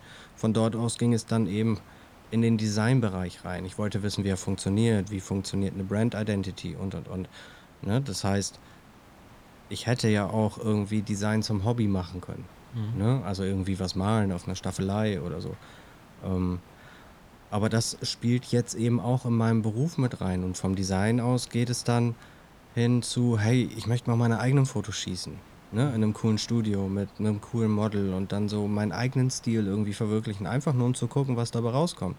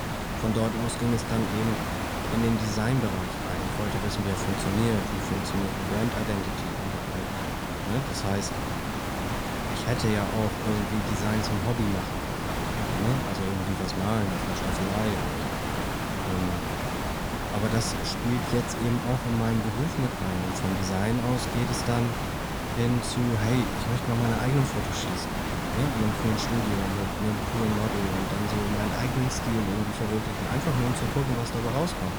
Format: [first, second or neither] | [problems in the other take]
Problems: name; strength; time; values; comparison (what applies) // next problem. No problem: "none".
first | hiss; loud; throughout; 1 dB below the speech; faint in the first